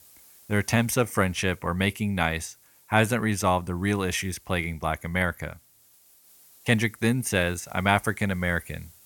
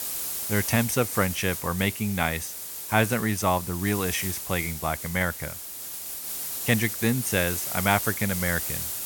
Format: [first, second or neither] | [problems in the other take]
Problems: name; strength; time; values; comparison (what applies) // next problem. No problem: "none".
first | hiss; loud; throughout; 4 dB below the speech; faint in the first